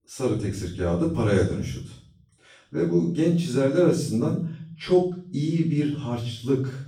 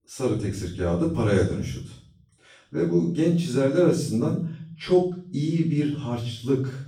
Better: neither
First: room echo; noticeable; dies away in 0.5 s // off-mic speech; far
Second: room echo; noticeable; dies away in 0.5 s // off-mic speech; far

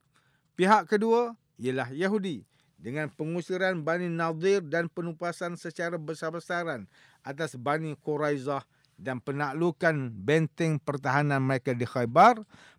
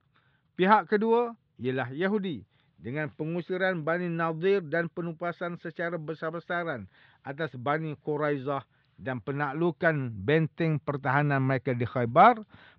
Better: first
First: none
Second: muffled; slightly; fading above 3.5 kHz

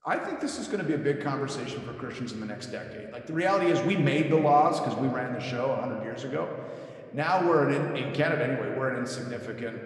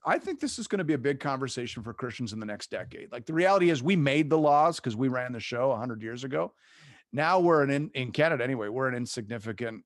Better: second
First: room echo; slight; dies away in 2.1 s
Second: none

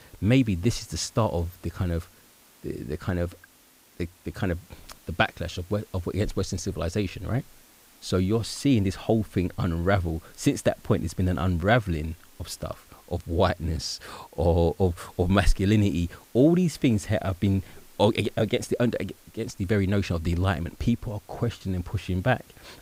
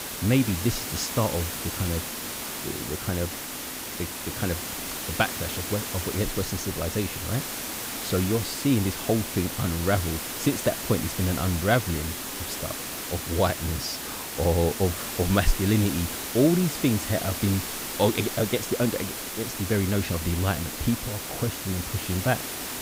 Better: first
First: hiss; faint; throughout; 25 dB below the speech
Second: hiss; loud; throughout; 4 dB below the speech

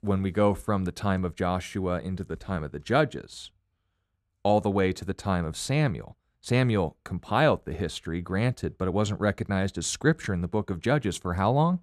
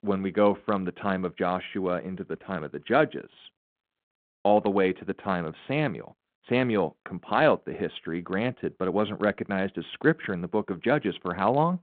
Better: first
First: none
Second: phone-call audio; nothing above 4 kHz

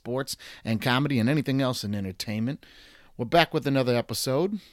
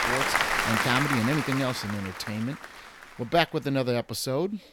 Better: first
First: none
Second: crowd noise; very loud; throughout; 1 dB above the speech

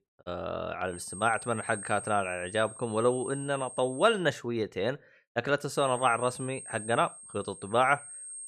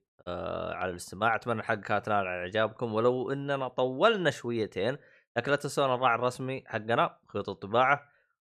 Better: second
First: high-pitched whine; noticeable; from 1 to 4 s and from 6 s on; 8.5 kHz, 10 dB below the speech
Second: none

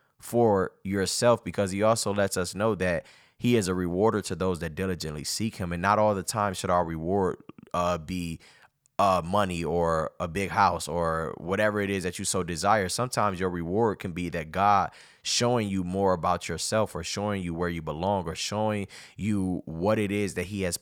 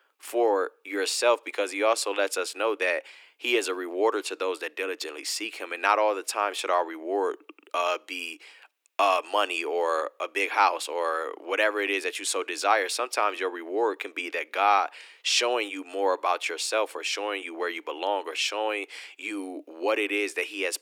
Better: first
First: none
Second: thin; very; fading below 300 Hz

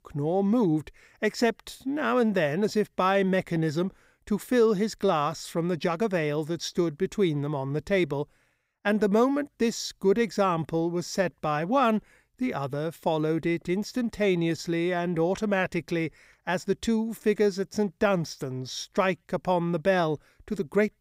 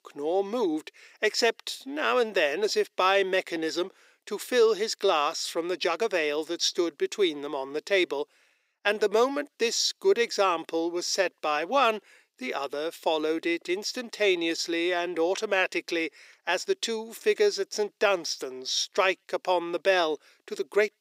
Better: first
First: none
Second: thin; somewhat; fading below 350 Hz

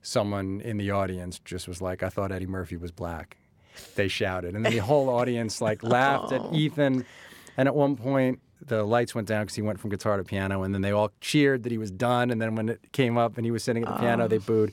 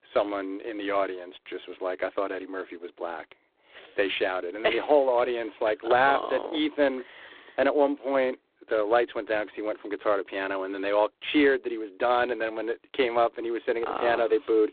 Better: first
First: none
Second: phone-call audio; poor line; nothing above 3.5 kHz

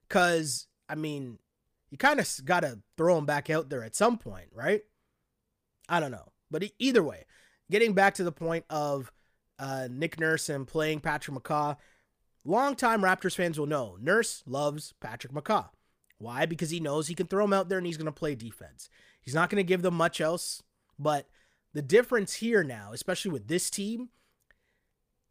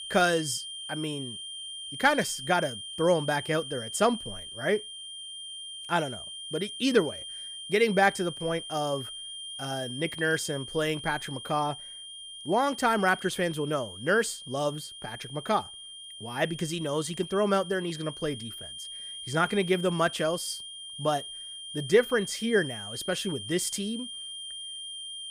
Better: first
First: none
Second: high-pitched whine; loud; throughout; 3 kHz, 10 dB below the speech

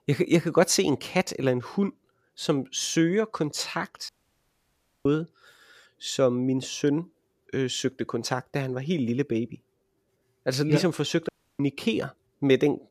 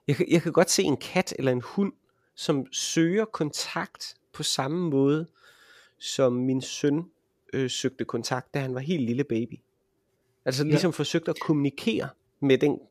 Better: second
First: audio cutting out; at 4 s for 1 s and at 11 s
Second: none

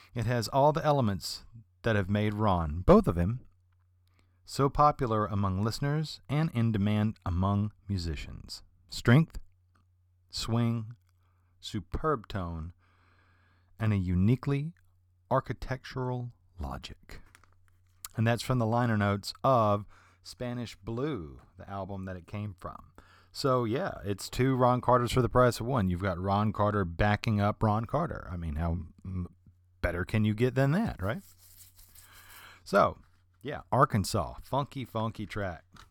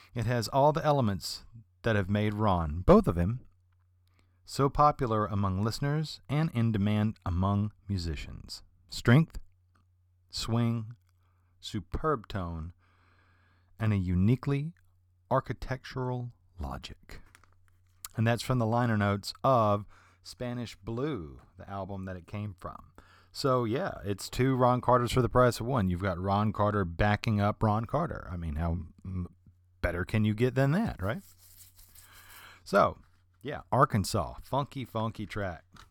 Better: neither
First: none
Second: none

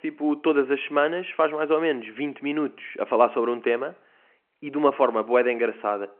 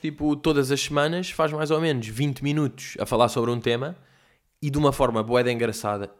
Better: second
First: phone-call audio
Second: none

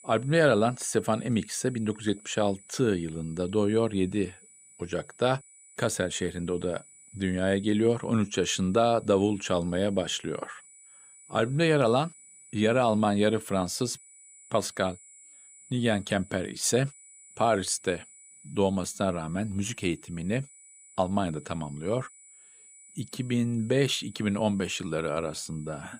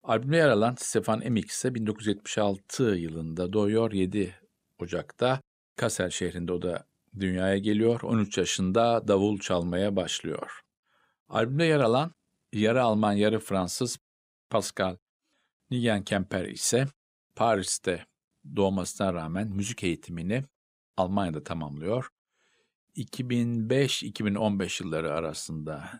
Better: second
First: high-pitched whine; faint; throughout; 8 kHz, 20 dB below the speech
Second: none

